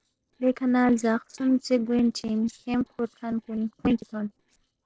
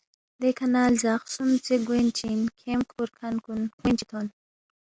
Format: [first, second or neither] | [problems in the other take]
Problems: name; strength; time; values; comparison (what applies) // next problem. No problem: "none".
second | noise reduction (neural separator model SepFormer DNS4)